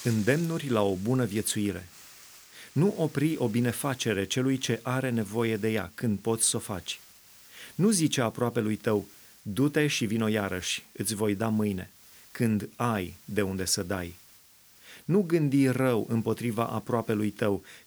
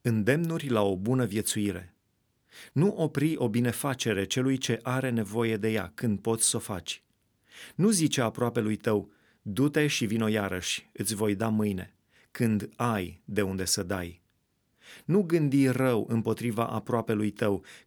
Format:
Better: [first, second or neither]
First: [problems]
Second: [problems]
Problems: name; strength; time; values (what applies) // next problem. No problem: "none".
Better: second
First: hiss; faint; throughout; 20 dB below the speech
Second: none